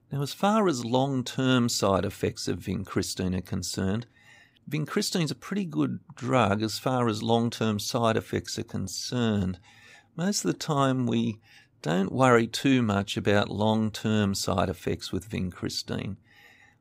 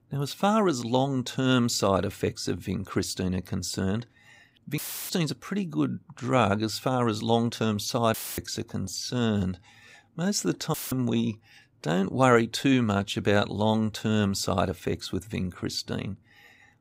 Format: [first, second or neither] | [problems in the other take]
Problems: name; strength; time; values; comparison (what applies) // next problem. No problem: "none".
first | audio cutting out; filled with static; at 5 s, at 8 s and at 11 s